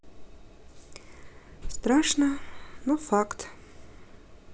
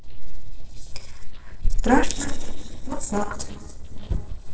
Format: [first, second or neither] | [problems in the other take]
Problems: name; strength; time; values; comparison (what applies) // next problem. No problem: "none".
first | noise reduction (neural separator model SepFormer DNS4)